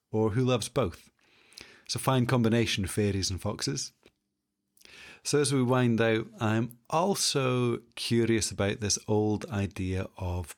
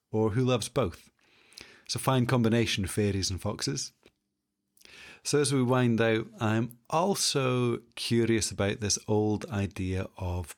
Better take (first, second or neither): neither